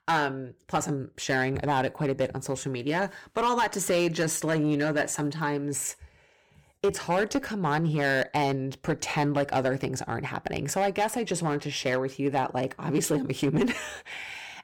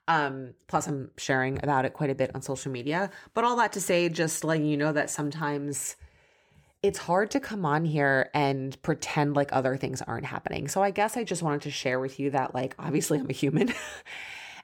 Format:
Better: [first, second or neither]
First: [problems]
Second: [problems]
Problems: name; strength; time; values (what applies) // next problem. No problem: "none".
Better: second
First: distortion; slight; 5% of the sound clipped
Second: none